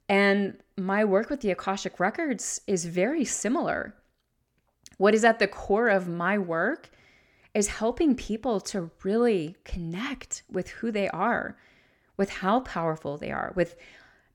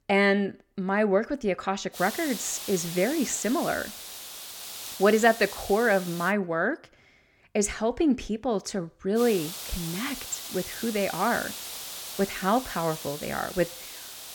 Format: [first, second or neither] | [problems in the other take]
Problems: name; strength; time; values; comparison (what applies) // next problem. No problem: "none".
first | hiss; loud; from 2 to 6.5 s and from 9 s on; 9 dB below the speech